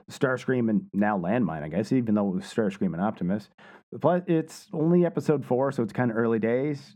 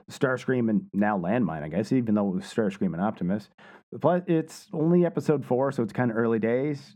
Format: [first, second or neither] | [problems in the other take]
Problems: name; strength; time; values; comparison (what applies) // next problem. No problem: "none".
neither | muffled; very; fading above 2 kHz; the same in both